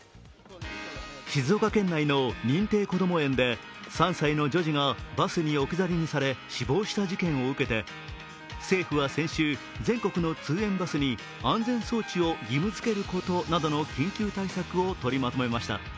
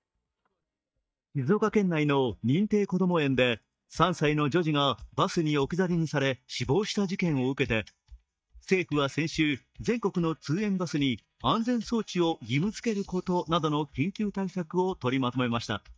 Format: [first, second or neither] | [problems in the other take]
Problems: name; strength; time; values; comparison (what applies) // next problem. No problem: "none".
first | noise reduction (neural mask model DeepFilterNet 3)